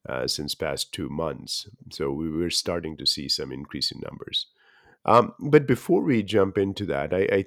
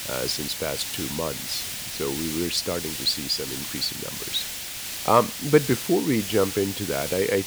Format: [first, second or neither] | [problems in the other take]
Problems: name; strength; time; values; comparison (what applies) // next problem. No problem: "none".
first | hiss; loud; throughout; 4 dB below the speech